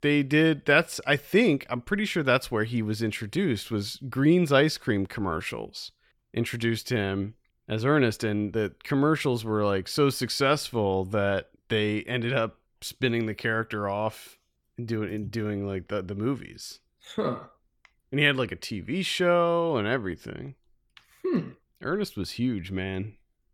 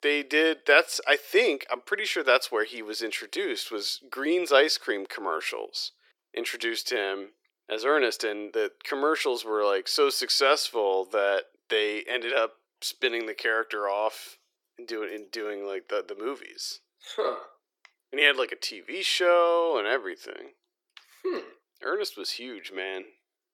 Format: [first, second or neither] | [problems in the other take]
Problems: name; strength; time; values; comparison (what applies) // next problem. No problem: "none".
first | thin; very; fading below 350 Hz